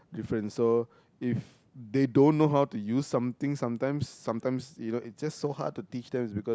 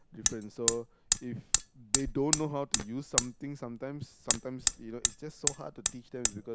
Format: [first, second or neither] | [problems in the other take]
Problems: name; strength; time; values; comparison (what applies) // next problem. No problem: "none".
first | background sound (Hammer); 5 dB above the speech